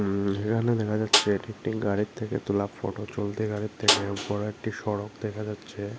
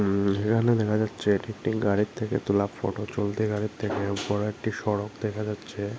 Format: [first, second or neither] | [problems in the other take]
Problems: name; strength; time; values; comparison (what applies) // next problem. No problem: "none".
second | background sound (Snare drum); 1 dB below the speech